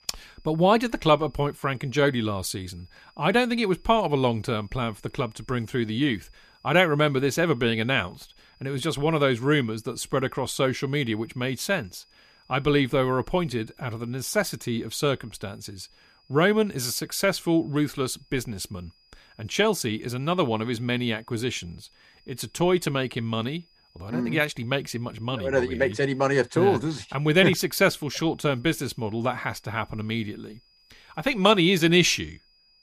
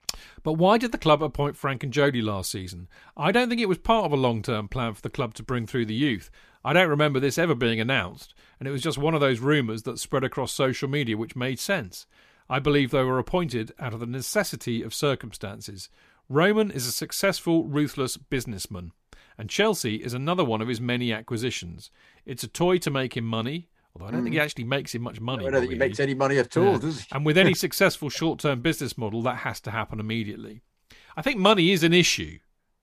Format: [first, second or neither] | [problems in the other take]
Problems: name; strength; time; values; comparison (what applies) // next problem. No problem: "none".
second | high-pitched whine; faint; throughout; 5 kHz, 35 dB below the speech